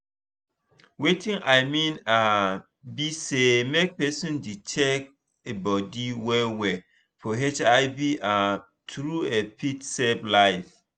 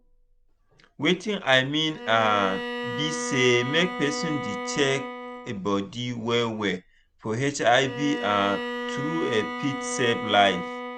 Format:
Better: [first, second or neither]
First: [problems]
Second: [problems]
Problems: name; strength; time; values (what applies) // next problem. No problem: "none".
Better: first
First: none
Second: background sound (Bowed string instrument); 8 dB below the speech